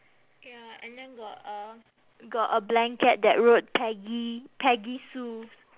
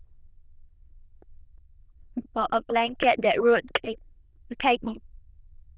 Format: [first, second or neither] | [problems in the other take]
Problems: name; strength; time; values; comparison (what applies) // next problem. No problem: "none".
first | noise reduction (neural diffusion model UNIVERSE++)